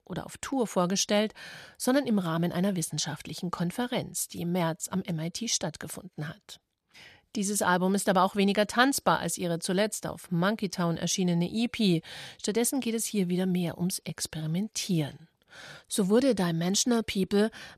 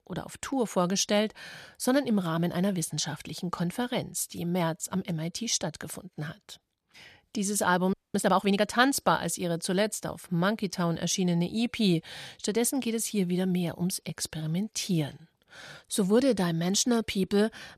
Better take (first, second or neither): first